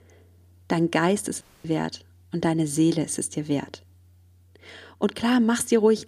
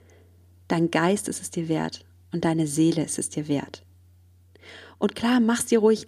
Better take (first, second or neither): second